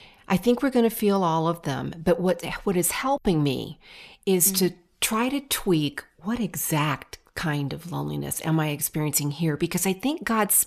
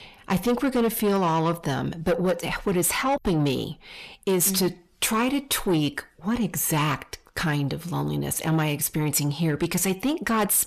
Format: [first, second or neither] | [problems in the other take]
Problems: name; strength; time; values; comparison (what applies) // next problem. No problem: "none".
first | distortion; slight; 10 dB below the speech